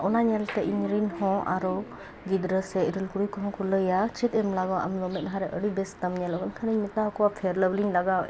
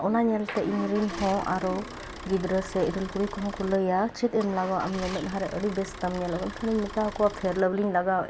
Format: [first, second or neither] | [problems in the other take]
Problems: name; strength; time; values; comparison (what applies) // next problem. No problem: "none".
first | background sound (Idling / Engine starting / Motor vehicle (road)); 13 dB below the speech